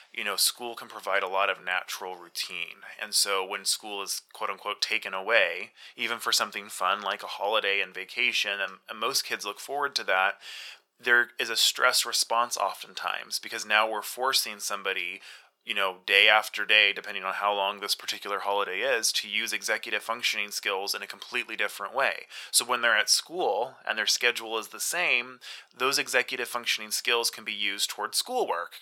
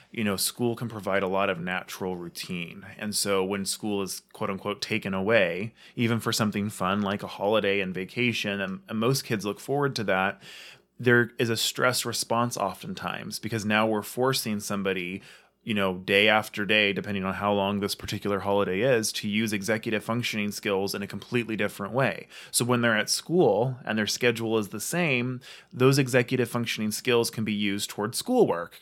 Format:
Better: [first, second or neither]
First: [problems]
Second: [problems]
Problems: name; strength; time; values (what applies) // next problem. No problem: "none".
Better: second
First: thin; very; fading below 800 Hz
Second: none